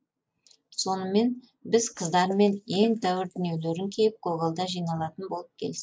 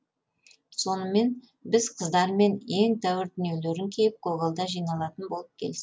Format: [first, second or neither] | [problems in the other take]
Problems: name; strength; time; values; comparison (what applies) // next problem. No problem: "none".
second | noise reduction (neural mask model Resemble Enhance denoiser)